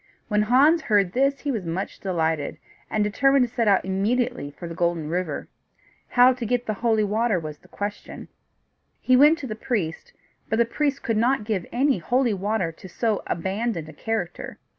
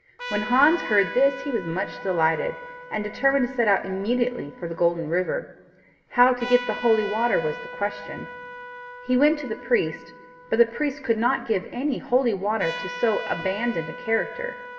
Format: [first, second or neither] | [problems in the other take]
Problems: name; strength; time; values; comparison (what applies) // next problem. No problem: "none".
first | background sound (Trumpet); 13 dB below the speech // room echo; dies away in 0.9 s